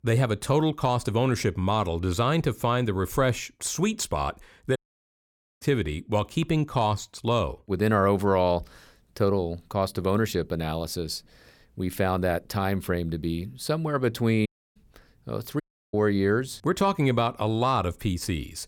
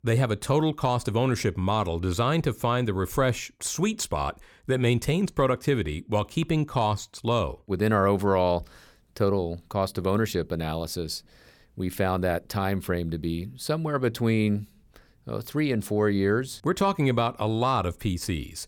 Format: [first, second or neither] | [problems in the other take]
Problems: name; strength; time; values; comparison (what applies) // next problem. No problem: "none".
second | audio cutting out; at 5 s for 1 s, at 14 s and at 16 s